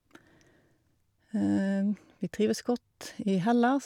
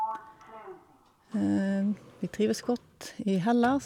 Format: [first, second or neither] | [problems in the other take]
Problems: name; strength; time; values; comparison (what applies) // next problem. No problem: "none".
first | background sound (Sliding door); 14 dB below the speech